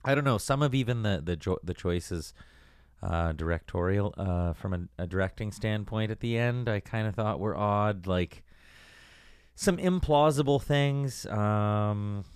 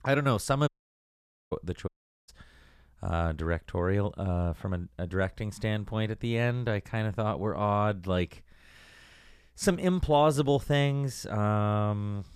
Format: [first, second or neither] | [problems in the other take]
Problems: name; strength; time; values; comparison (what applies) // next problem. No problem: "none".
first | audio cutting out; at 0.5 s for 1 s and at 2 s